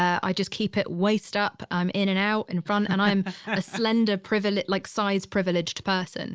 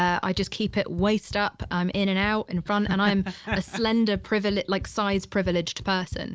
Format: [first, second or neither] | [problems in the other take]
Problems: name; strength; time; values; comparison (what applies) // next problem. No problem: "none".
first | background sound (Run); 16 dB below the speech